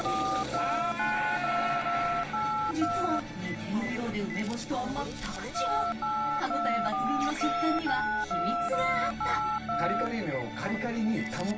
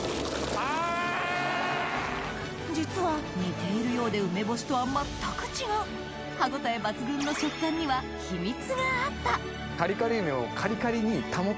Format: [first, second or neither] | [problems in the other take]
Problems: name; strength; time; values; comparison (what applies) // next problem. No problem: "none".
second | background sound (Telephone); 1 dB above the speech // room echo; dies away in 0.2 s